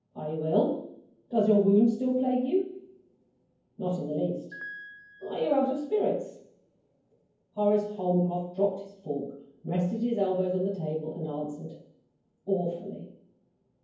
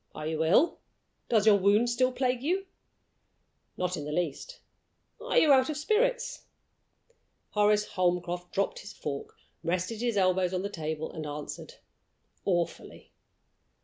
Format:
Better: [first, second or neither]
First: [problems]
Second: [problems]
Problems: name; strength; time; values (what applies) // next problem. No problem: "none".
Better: second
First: background sound (Piano); 17 dB below the speech // room echo; dies away in 0.9 s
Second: none